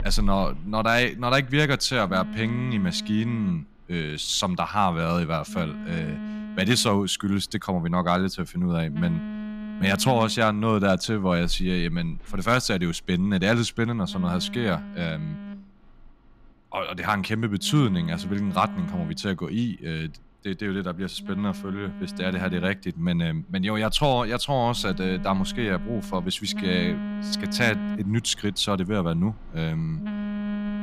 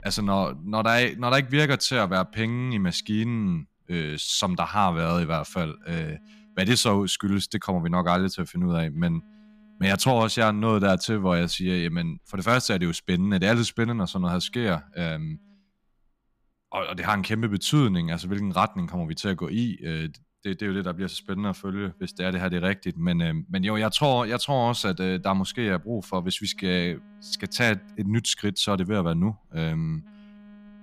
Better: second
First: alarms or sirens; loud; throughout; 10 dB below the speech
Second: alarms or sirens; faint; throughout; 30 dB below the speech

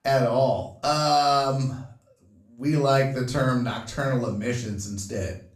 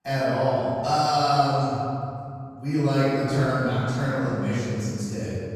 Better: first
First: room echo; slight; dies away in 0.3 s // off-mic speech; far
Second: room echo; strong; dies away in 2.2 s // off-mic speech; far

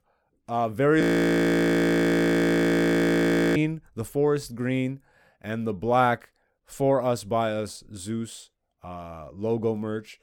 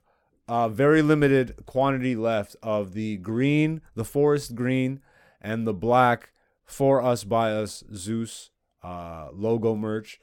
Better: second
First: audio freezing; at 1 s for 2.5 s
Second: none

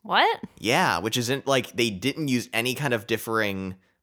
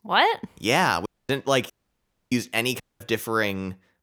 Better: first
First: none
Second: audio cutting out; at 1 s, at 1.5 s for 0.5 s and at 3 s

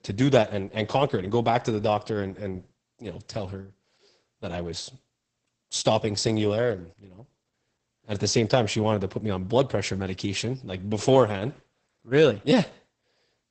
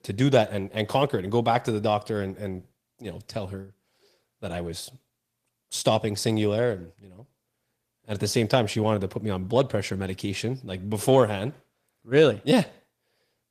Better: second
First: garbled, watery; badly; nothing above 8 kHz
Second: garbled, watery; slightly; nothing above 14.5 kHz

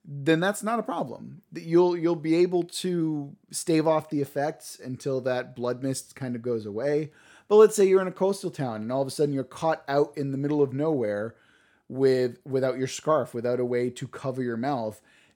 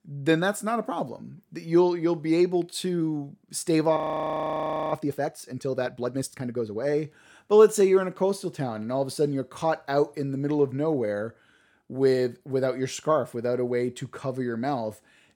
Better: first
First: none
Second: audio freezing; at 4 s for 1 s

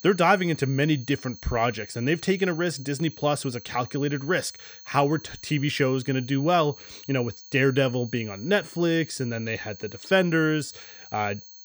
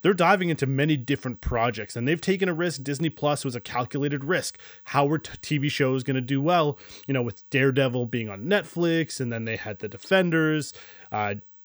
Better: second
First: high-pitched whine; noticeable; throughout; 4.5 kHz, 20 dB below the speech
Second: none

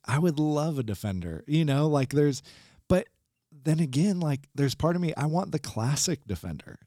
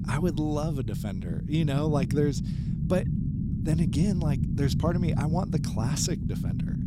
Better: first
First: none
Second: low rumble; loud; throughout; 6 dB below the speech

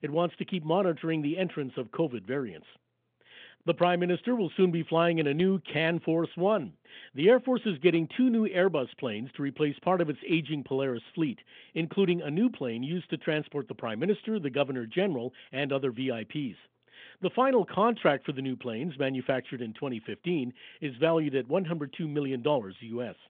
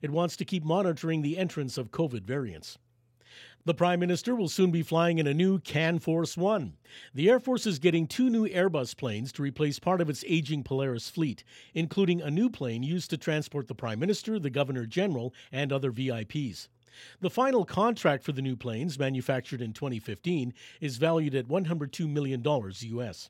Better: second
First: phone-call audio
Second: none

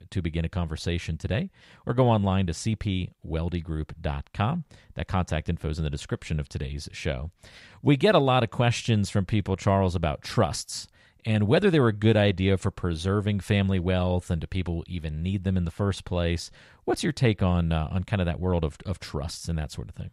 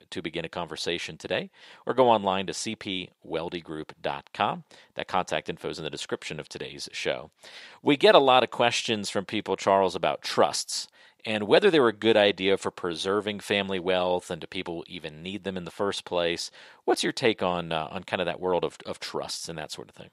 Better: first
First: none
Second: thin; somewhat; fading below 400 Hz

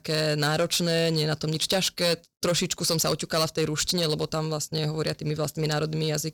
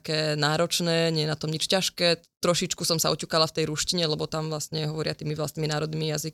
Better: second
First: distortion; slight; 6% of the sound clipped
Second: none

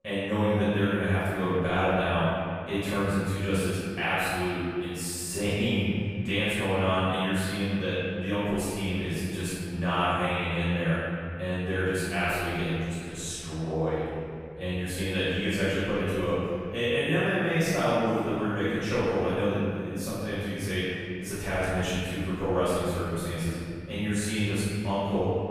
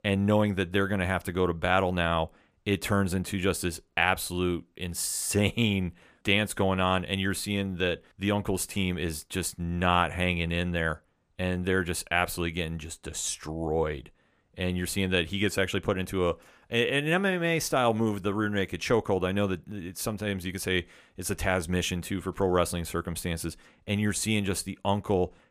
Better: second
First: room echo; strong; dies away in 2.4 s // off-mic speech; far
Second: none

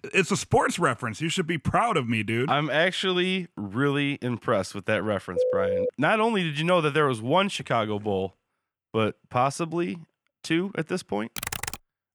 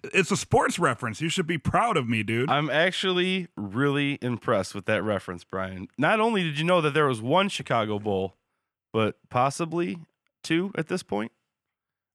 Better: second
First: phone ringing; loud; at 5.5 s; peak 1 dB above the speech // keyboard typing; noticeable; at 11 s; peak 5 dB below the speech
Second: none

